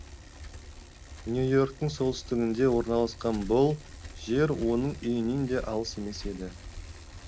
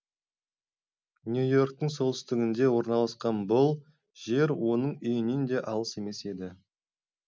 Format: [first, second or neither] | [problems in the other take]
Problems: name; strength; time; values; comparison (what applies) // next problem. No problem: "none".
second | background sound (Bicycle); 14 dB below the speech